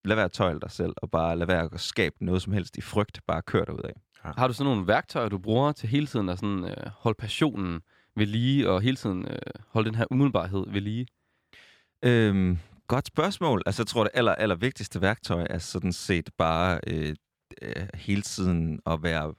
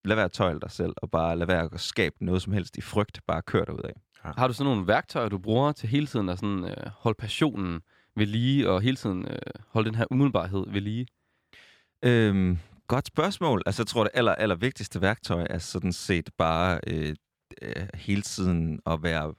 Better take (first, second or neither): neither